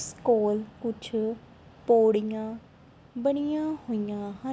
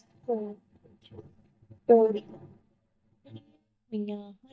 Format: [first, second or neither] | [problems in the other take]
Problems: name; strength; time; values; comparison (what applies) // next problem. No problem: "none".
first | noise reduction (neural mask model DeepFilterNet 3)